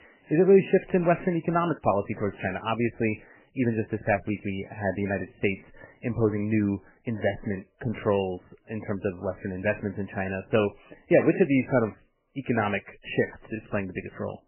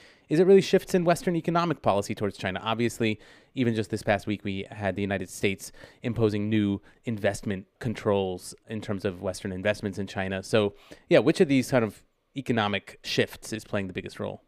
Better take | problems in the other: second | garbled, watery; badly; nothing above 3 kHz

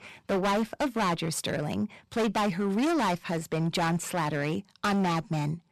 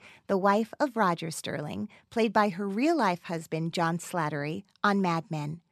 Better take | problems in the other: second | distortion; heavy; 18% of the sound clipped

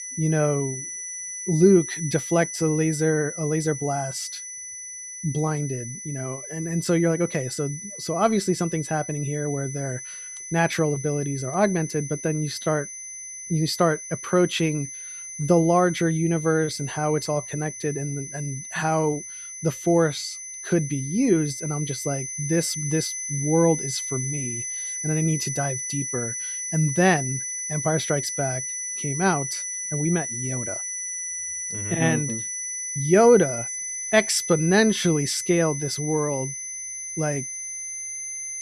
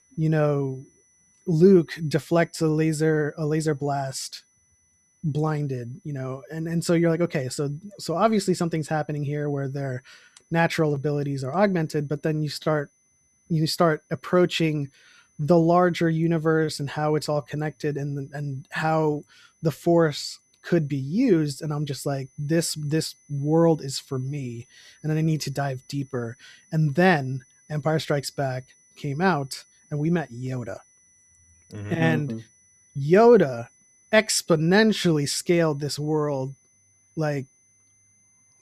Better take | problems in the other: second | high-pitched whine; loud; throughout; 6 kHz, 6 dB below the speech; faint in the second

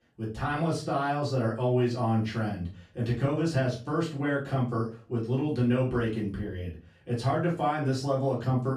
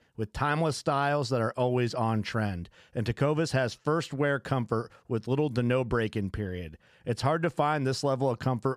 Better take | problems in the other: second | off-mic speech; far // room echo; slight; dies away in 0.3 s

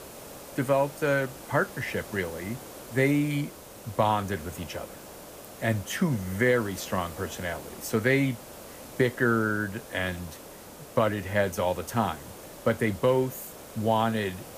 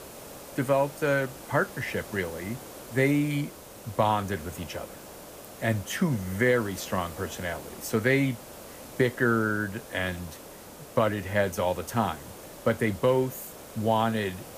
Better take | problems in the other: neither | hiss; noticeable; throughout; 15 dB below the speech; the same in both

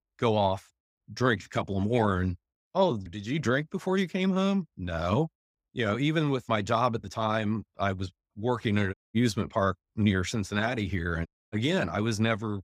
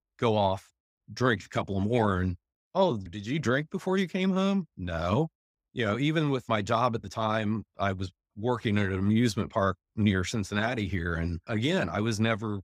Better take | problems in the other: second | audio cutting out; at 9 s and at 11 s

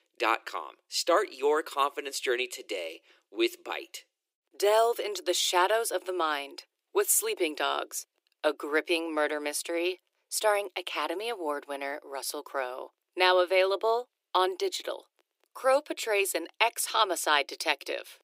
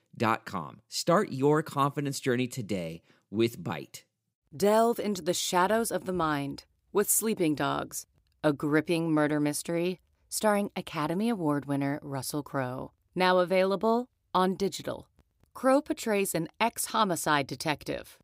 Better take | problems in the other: second | thin; very; fading below 350 Hz

